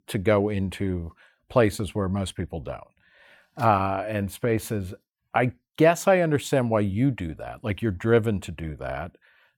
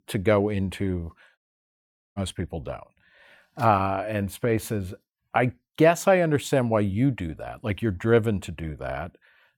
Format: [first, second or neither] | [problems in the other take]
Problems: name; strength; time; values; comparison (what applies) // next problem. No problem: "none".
first | audio cutting out; at 1.5 s for 1 s